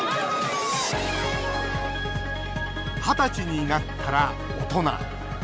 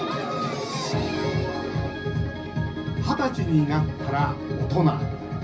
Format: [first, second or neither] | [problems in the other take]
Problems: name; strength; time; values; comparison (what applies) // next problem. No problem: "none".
first | room echo; dies away in 0.4 s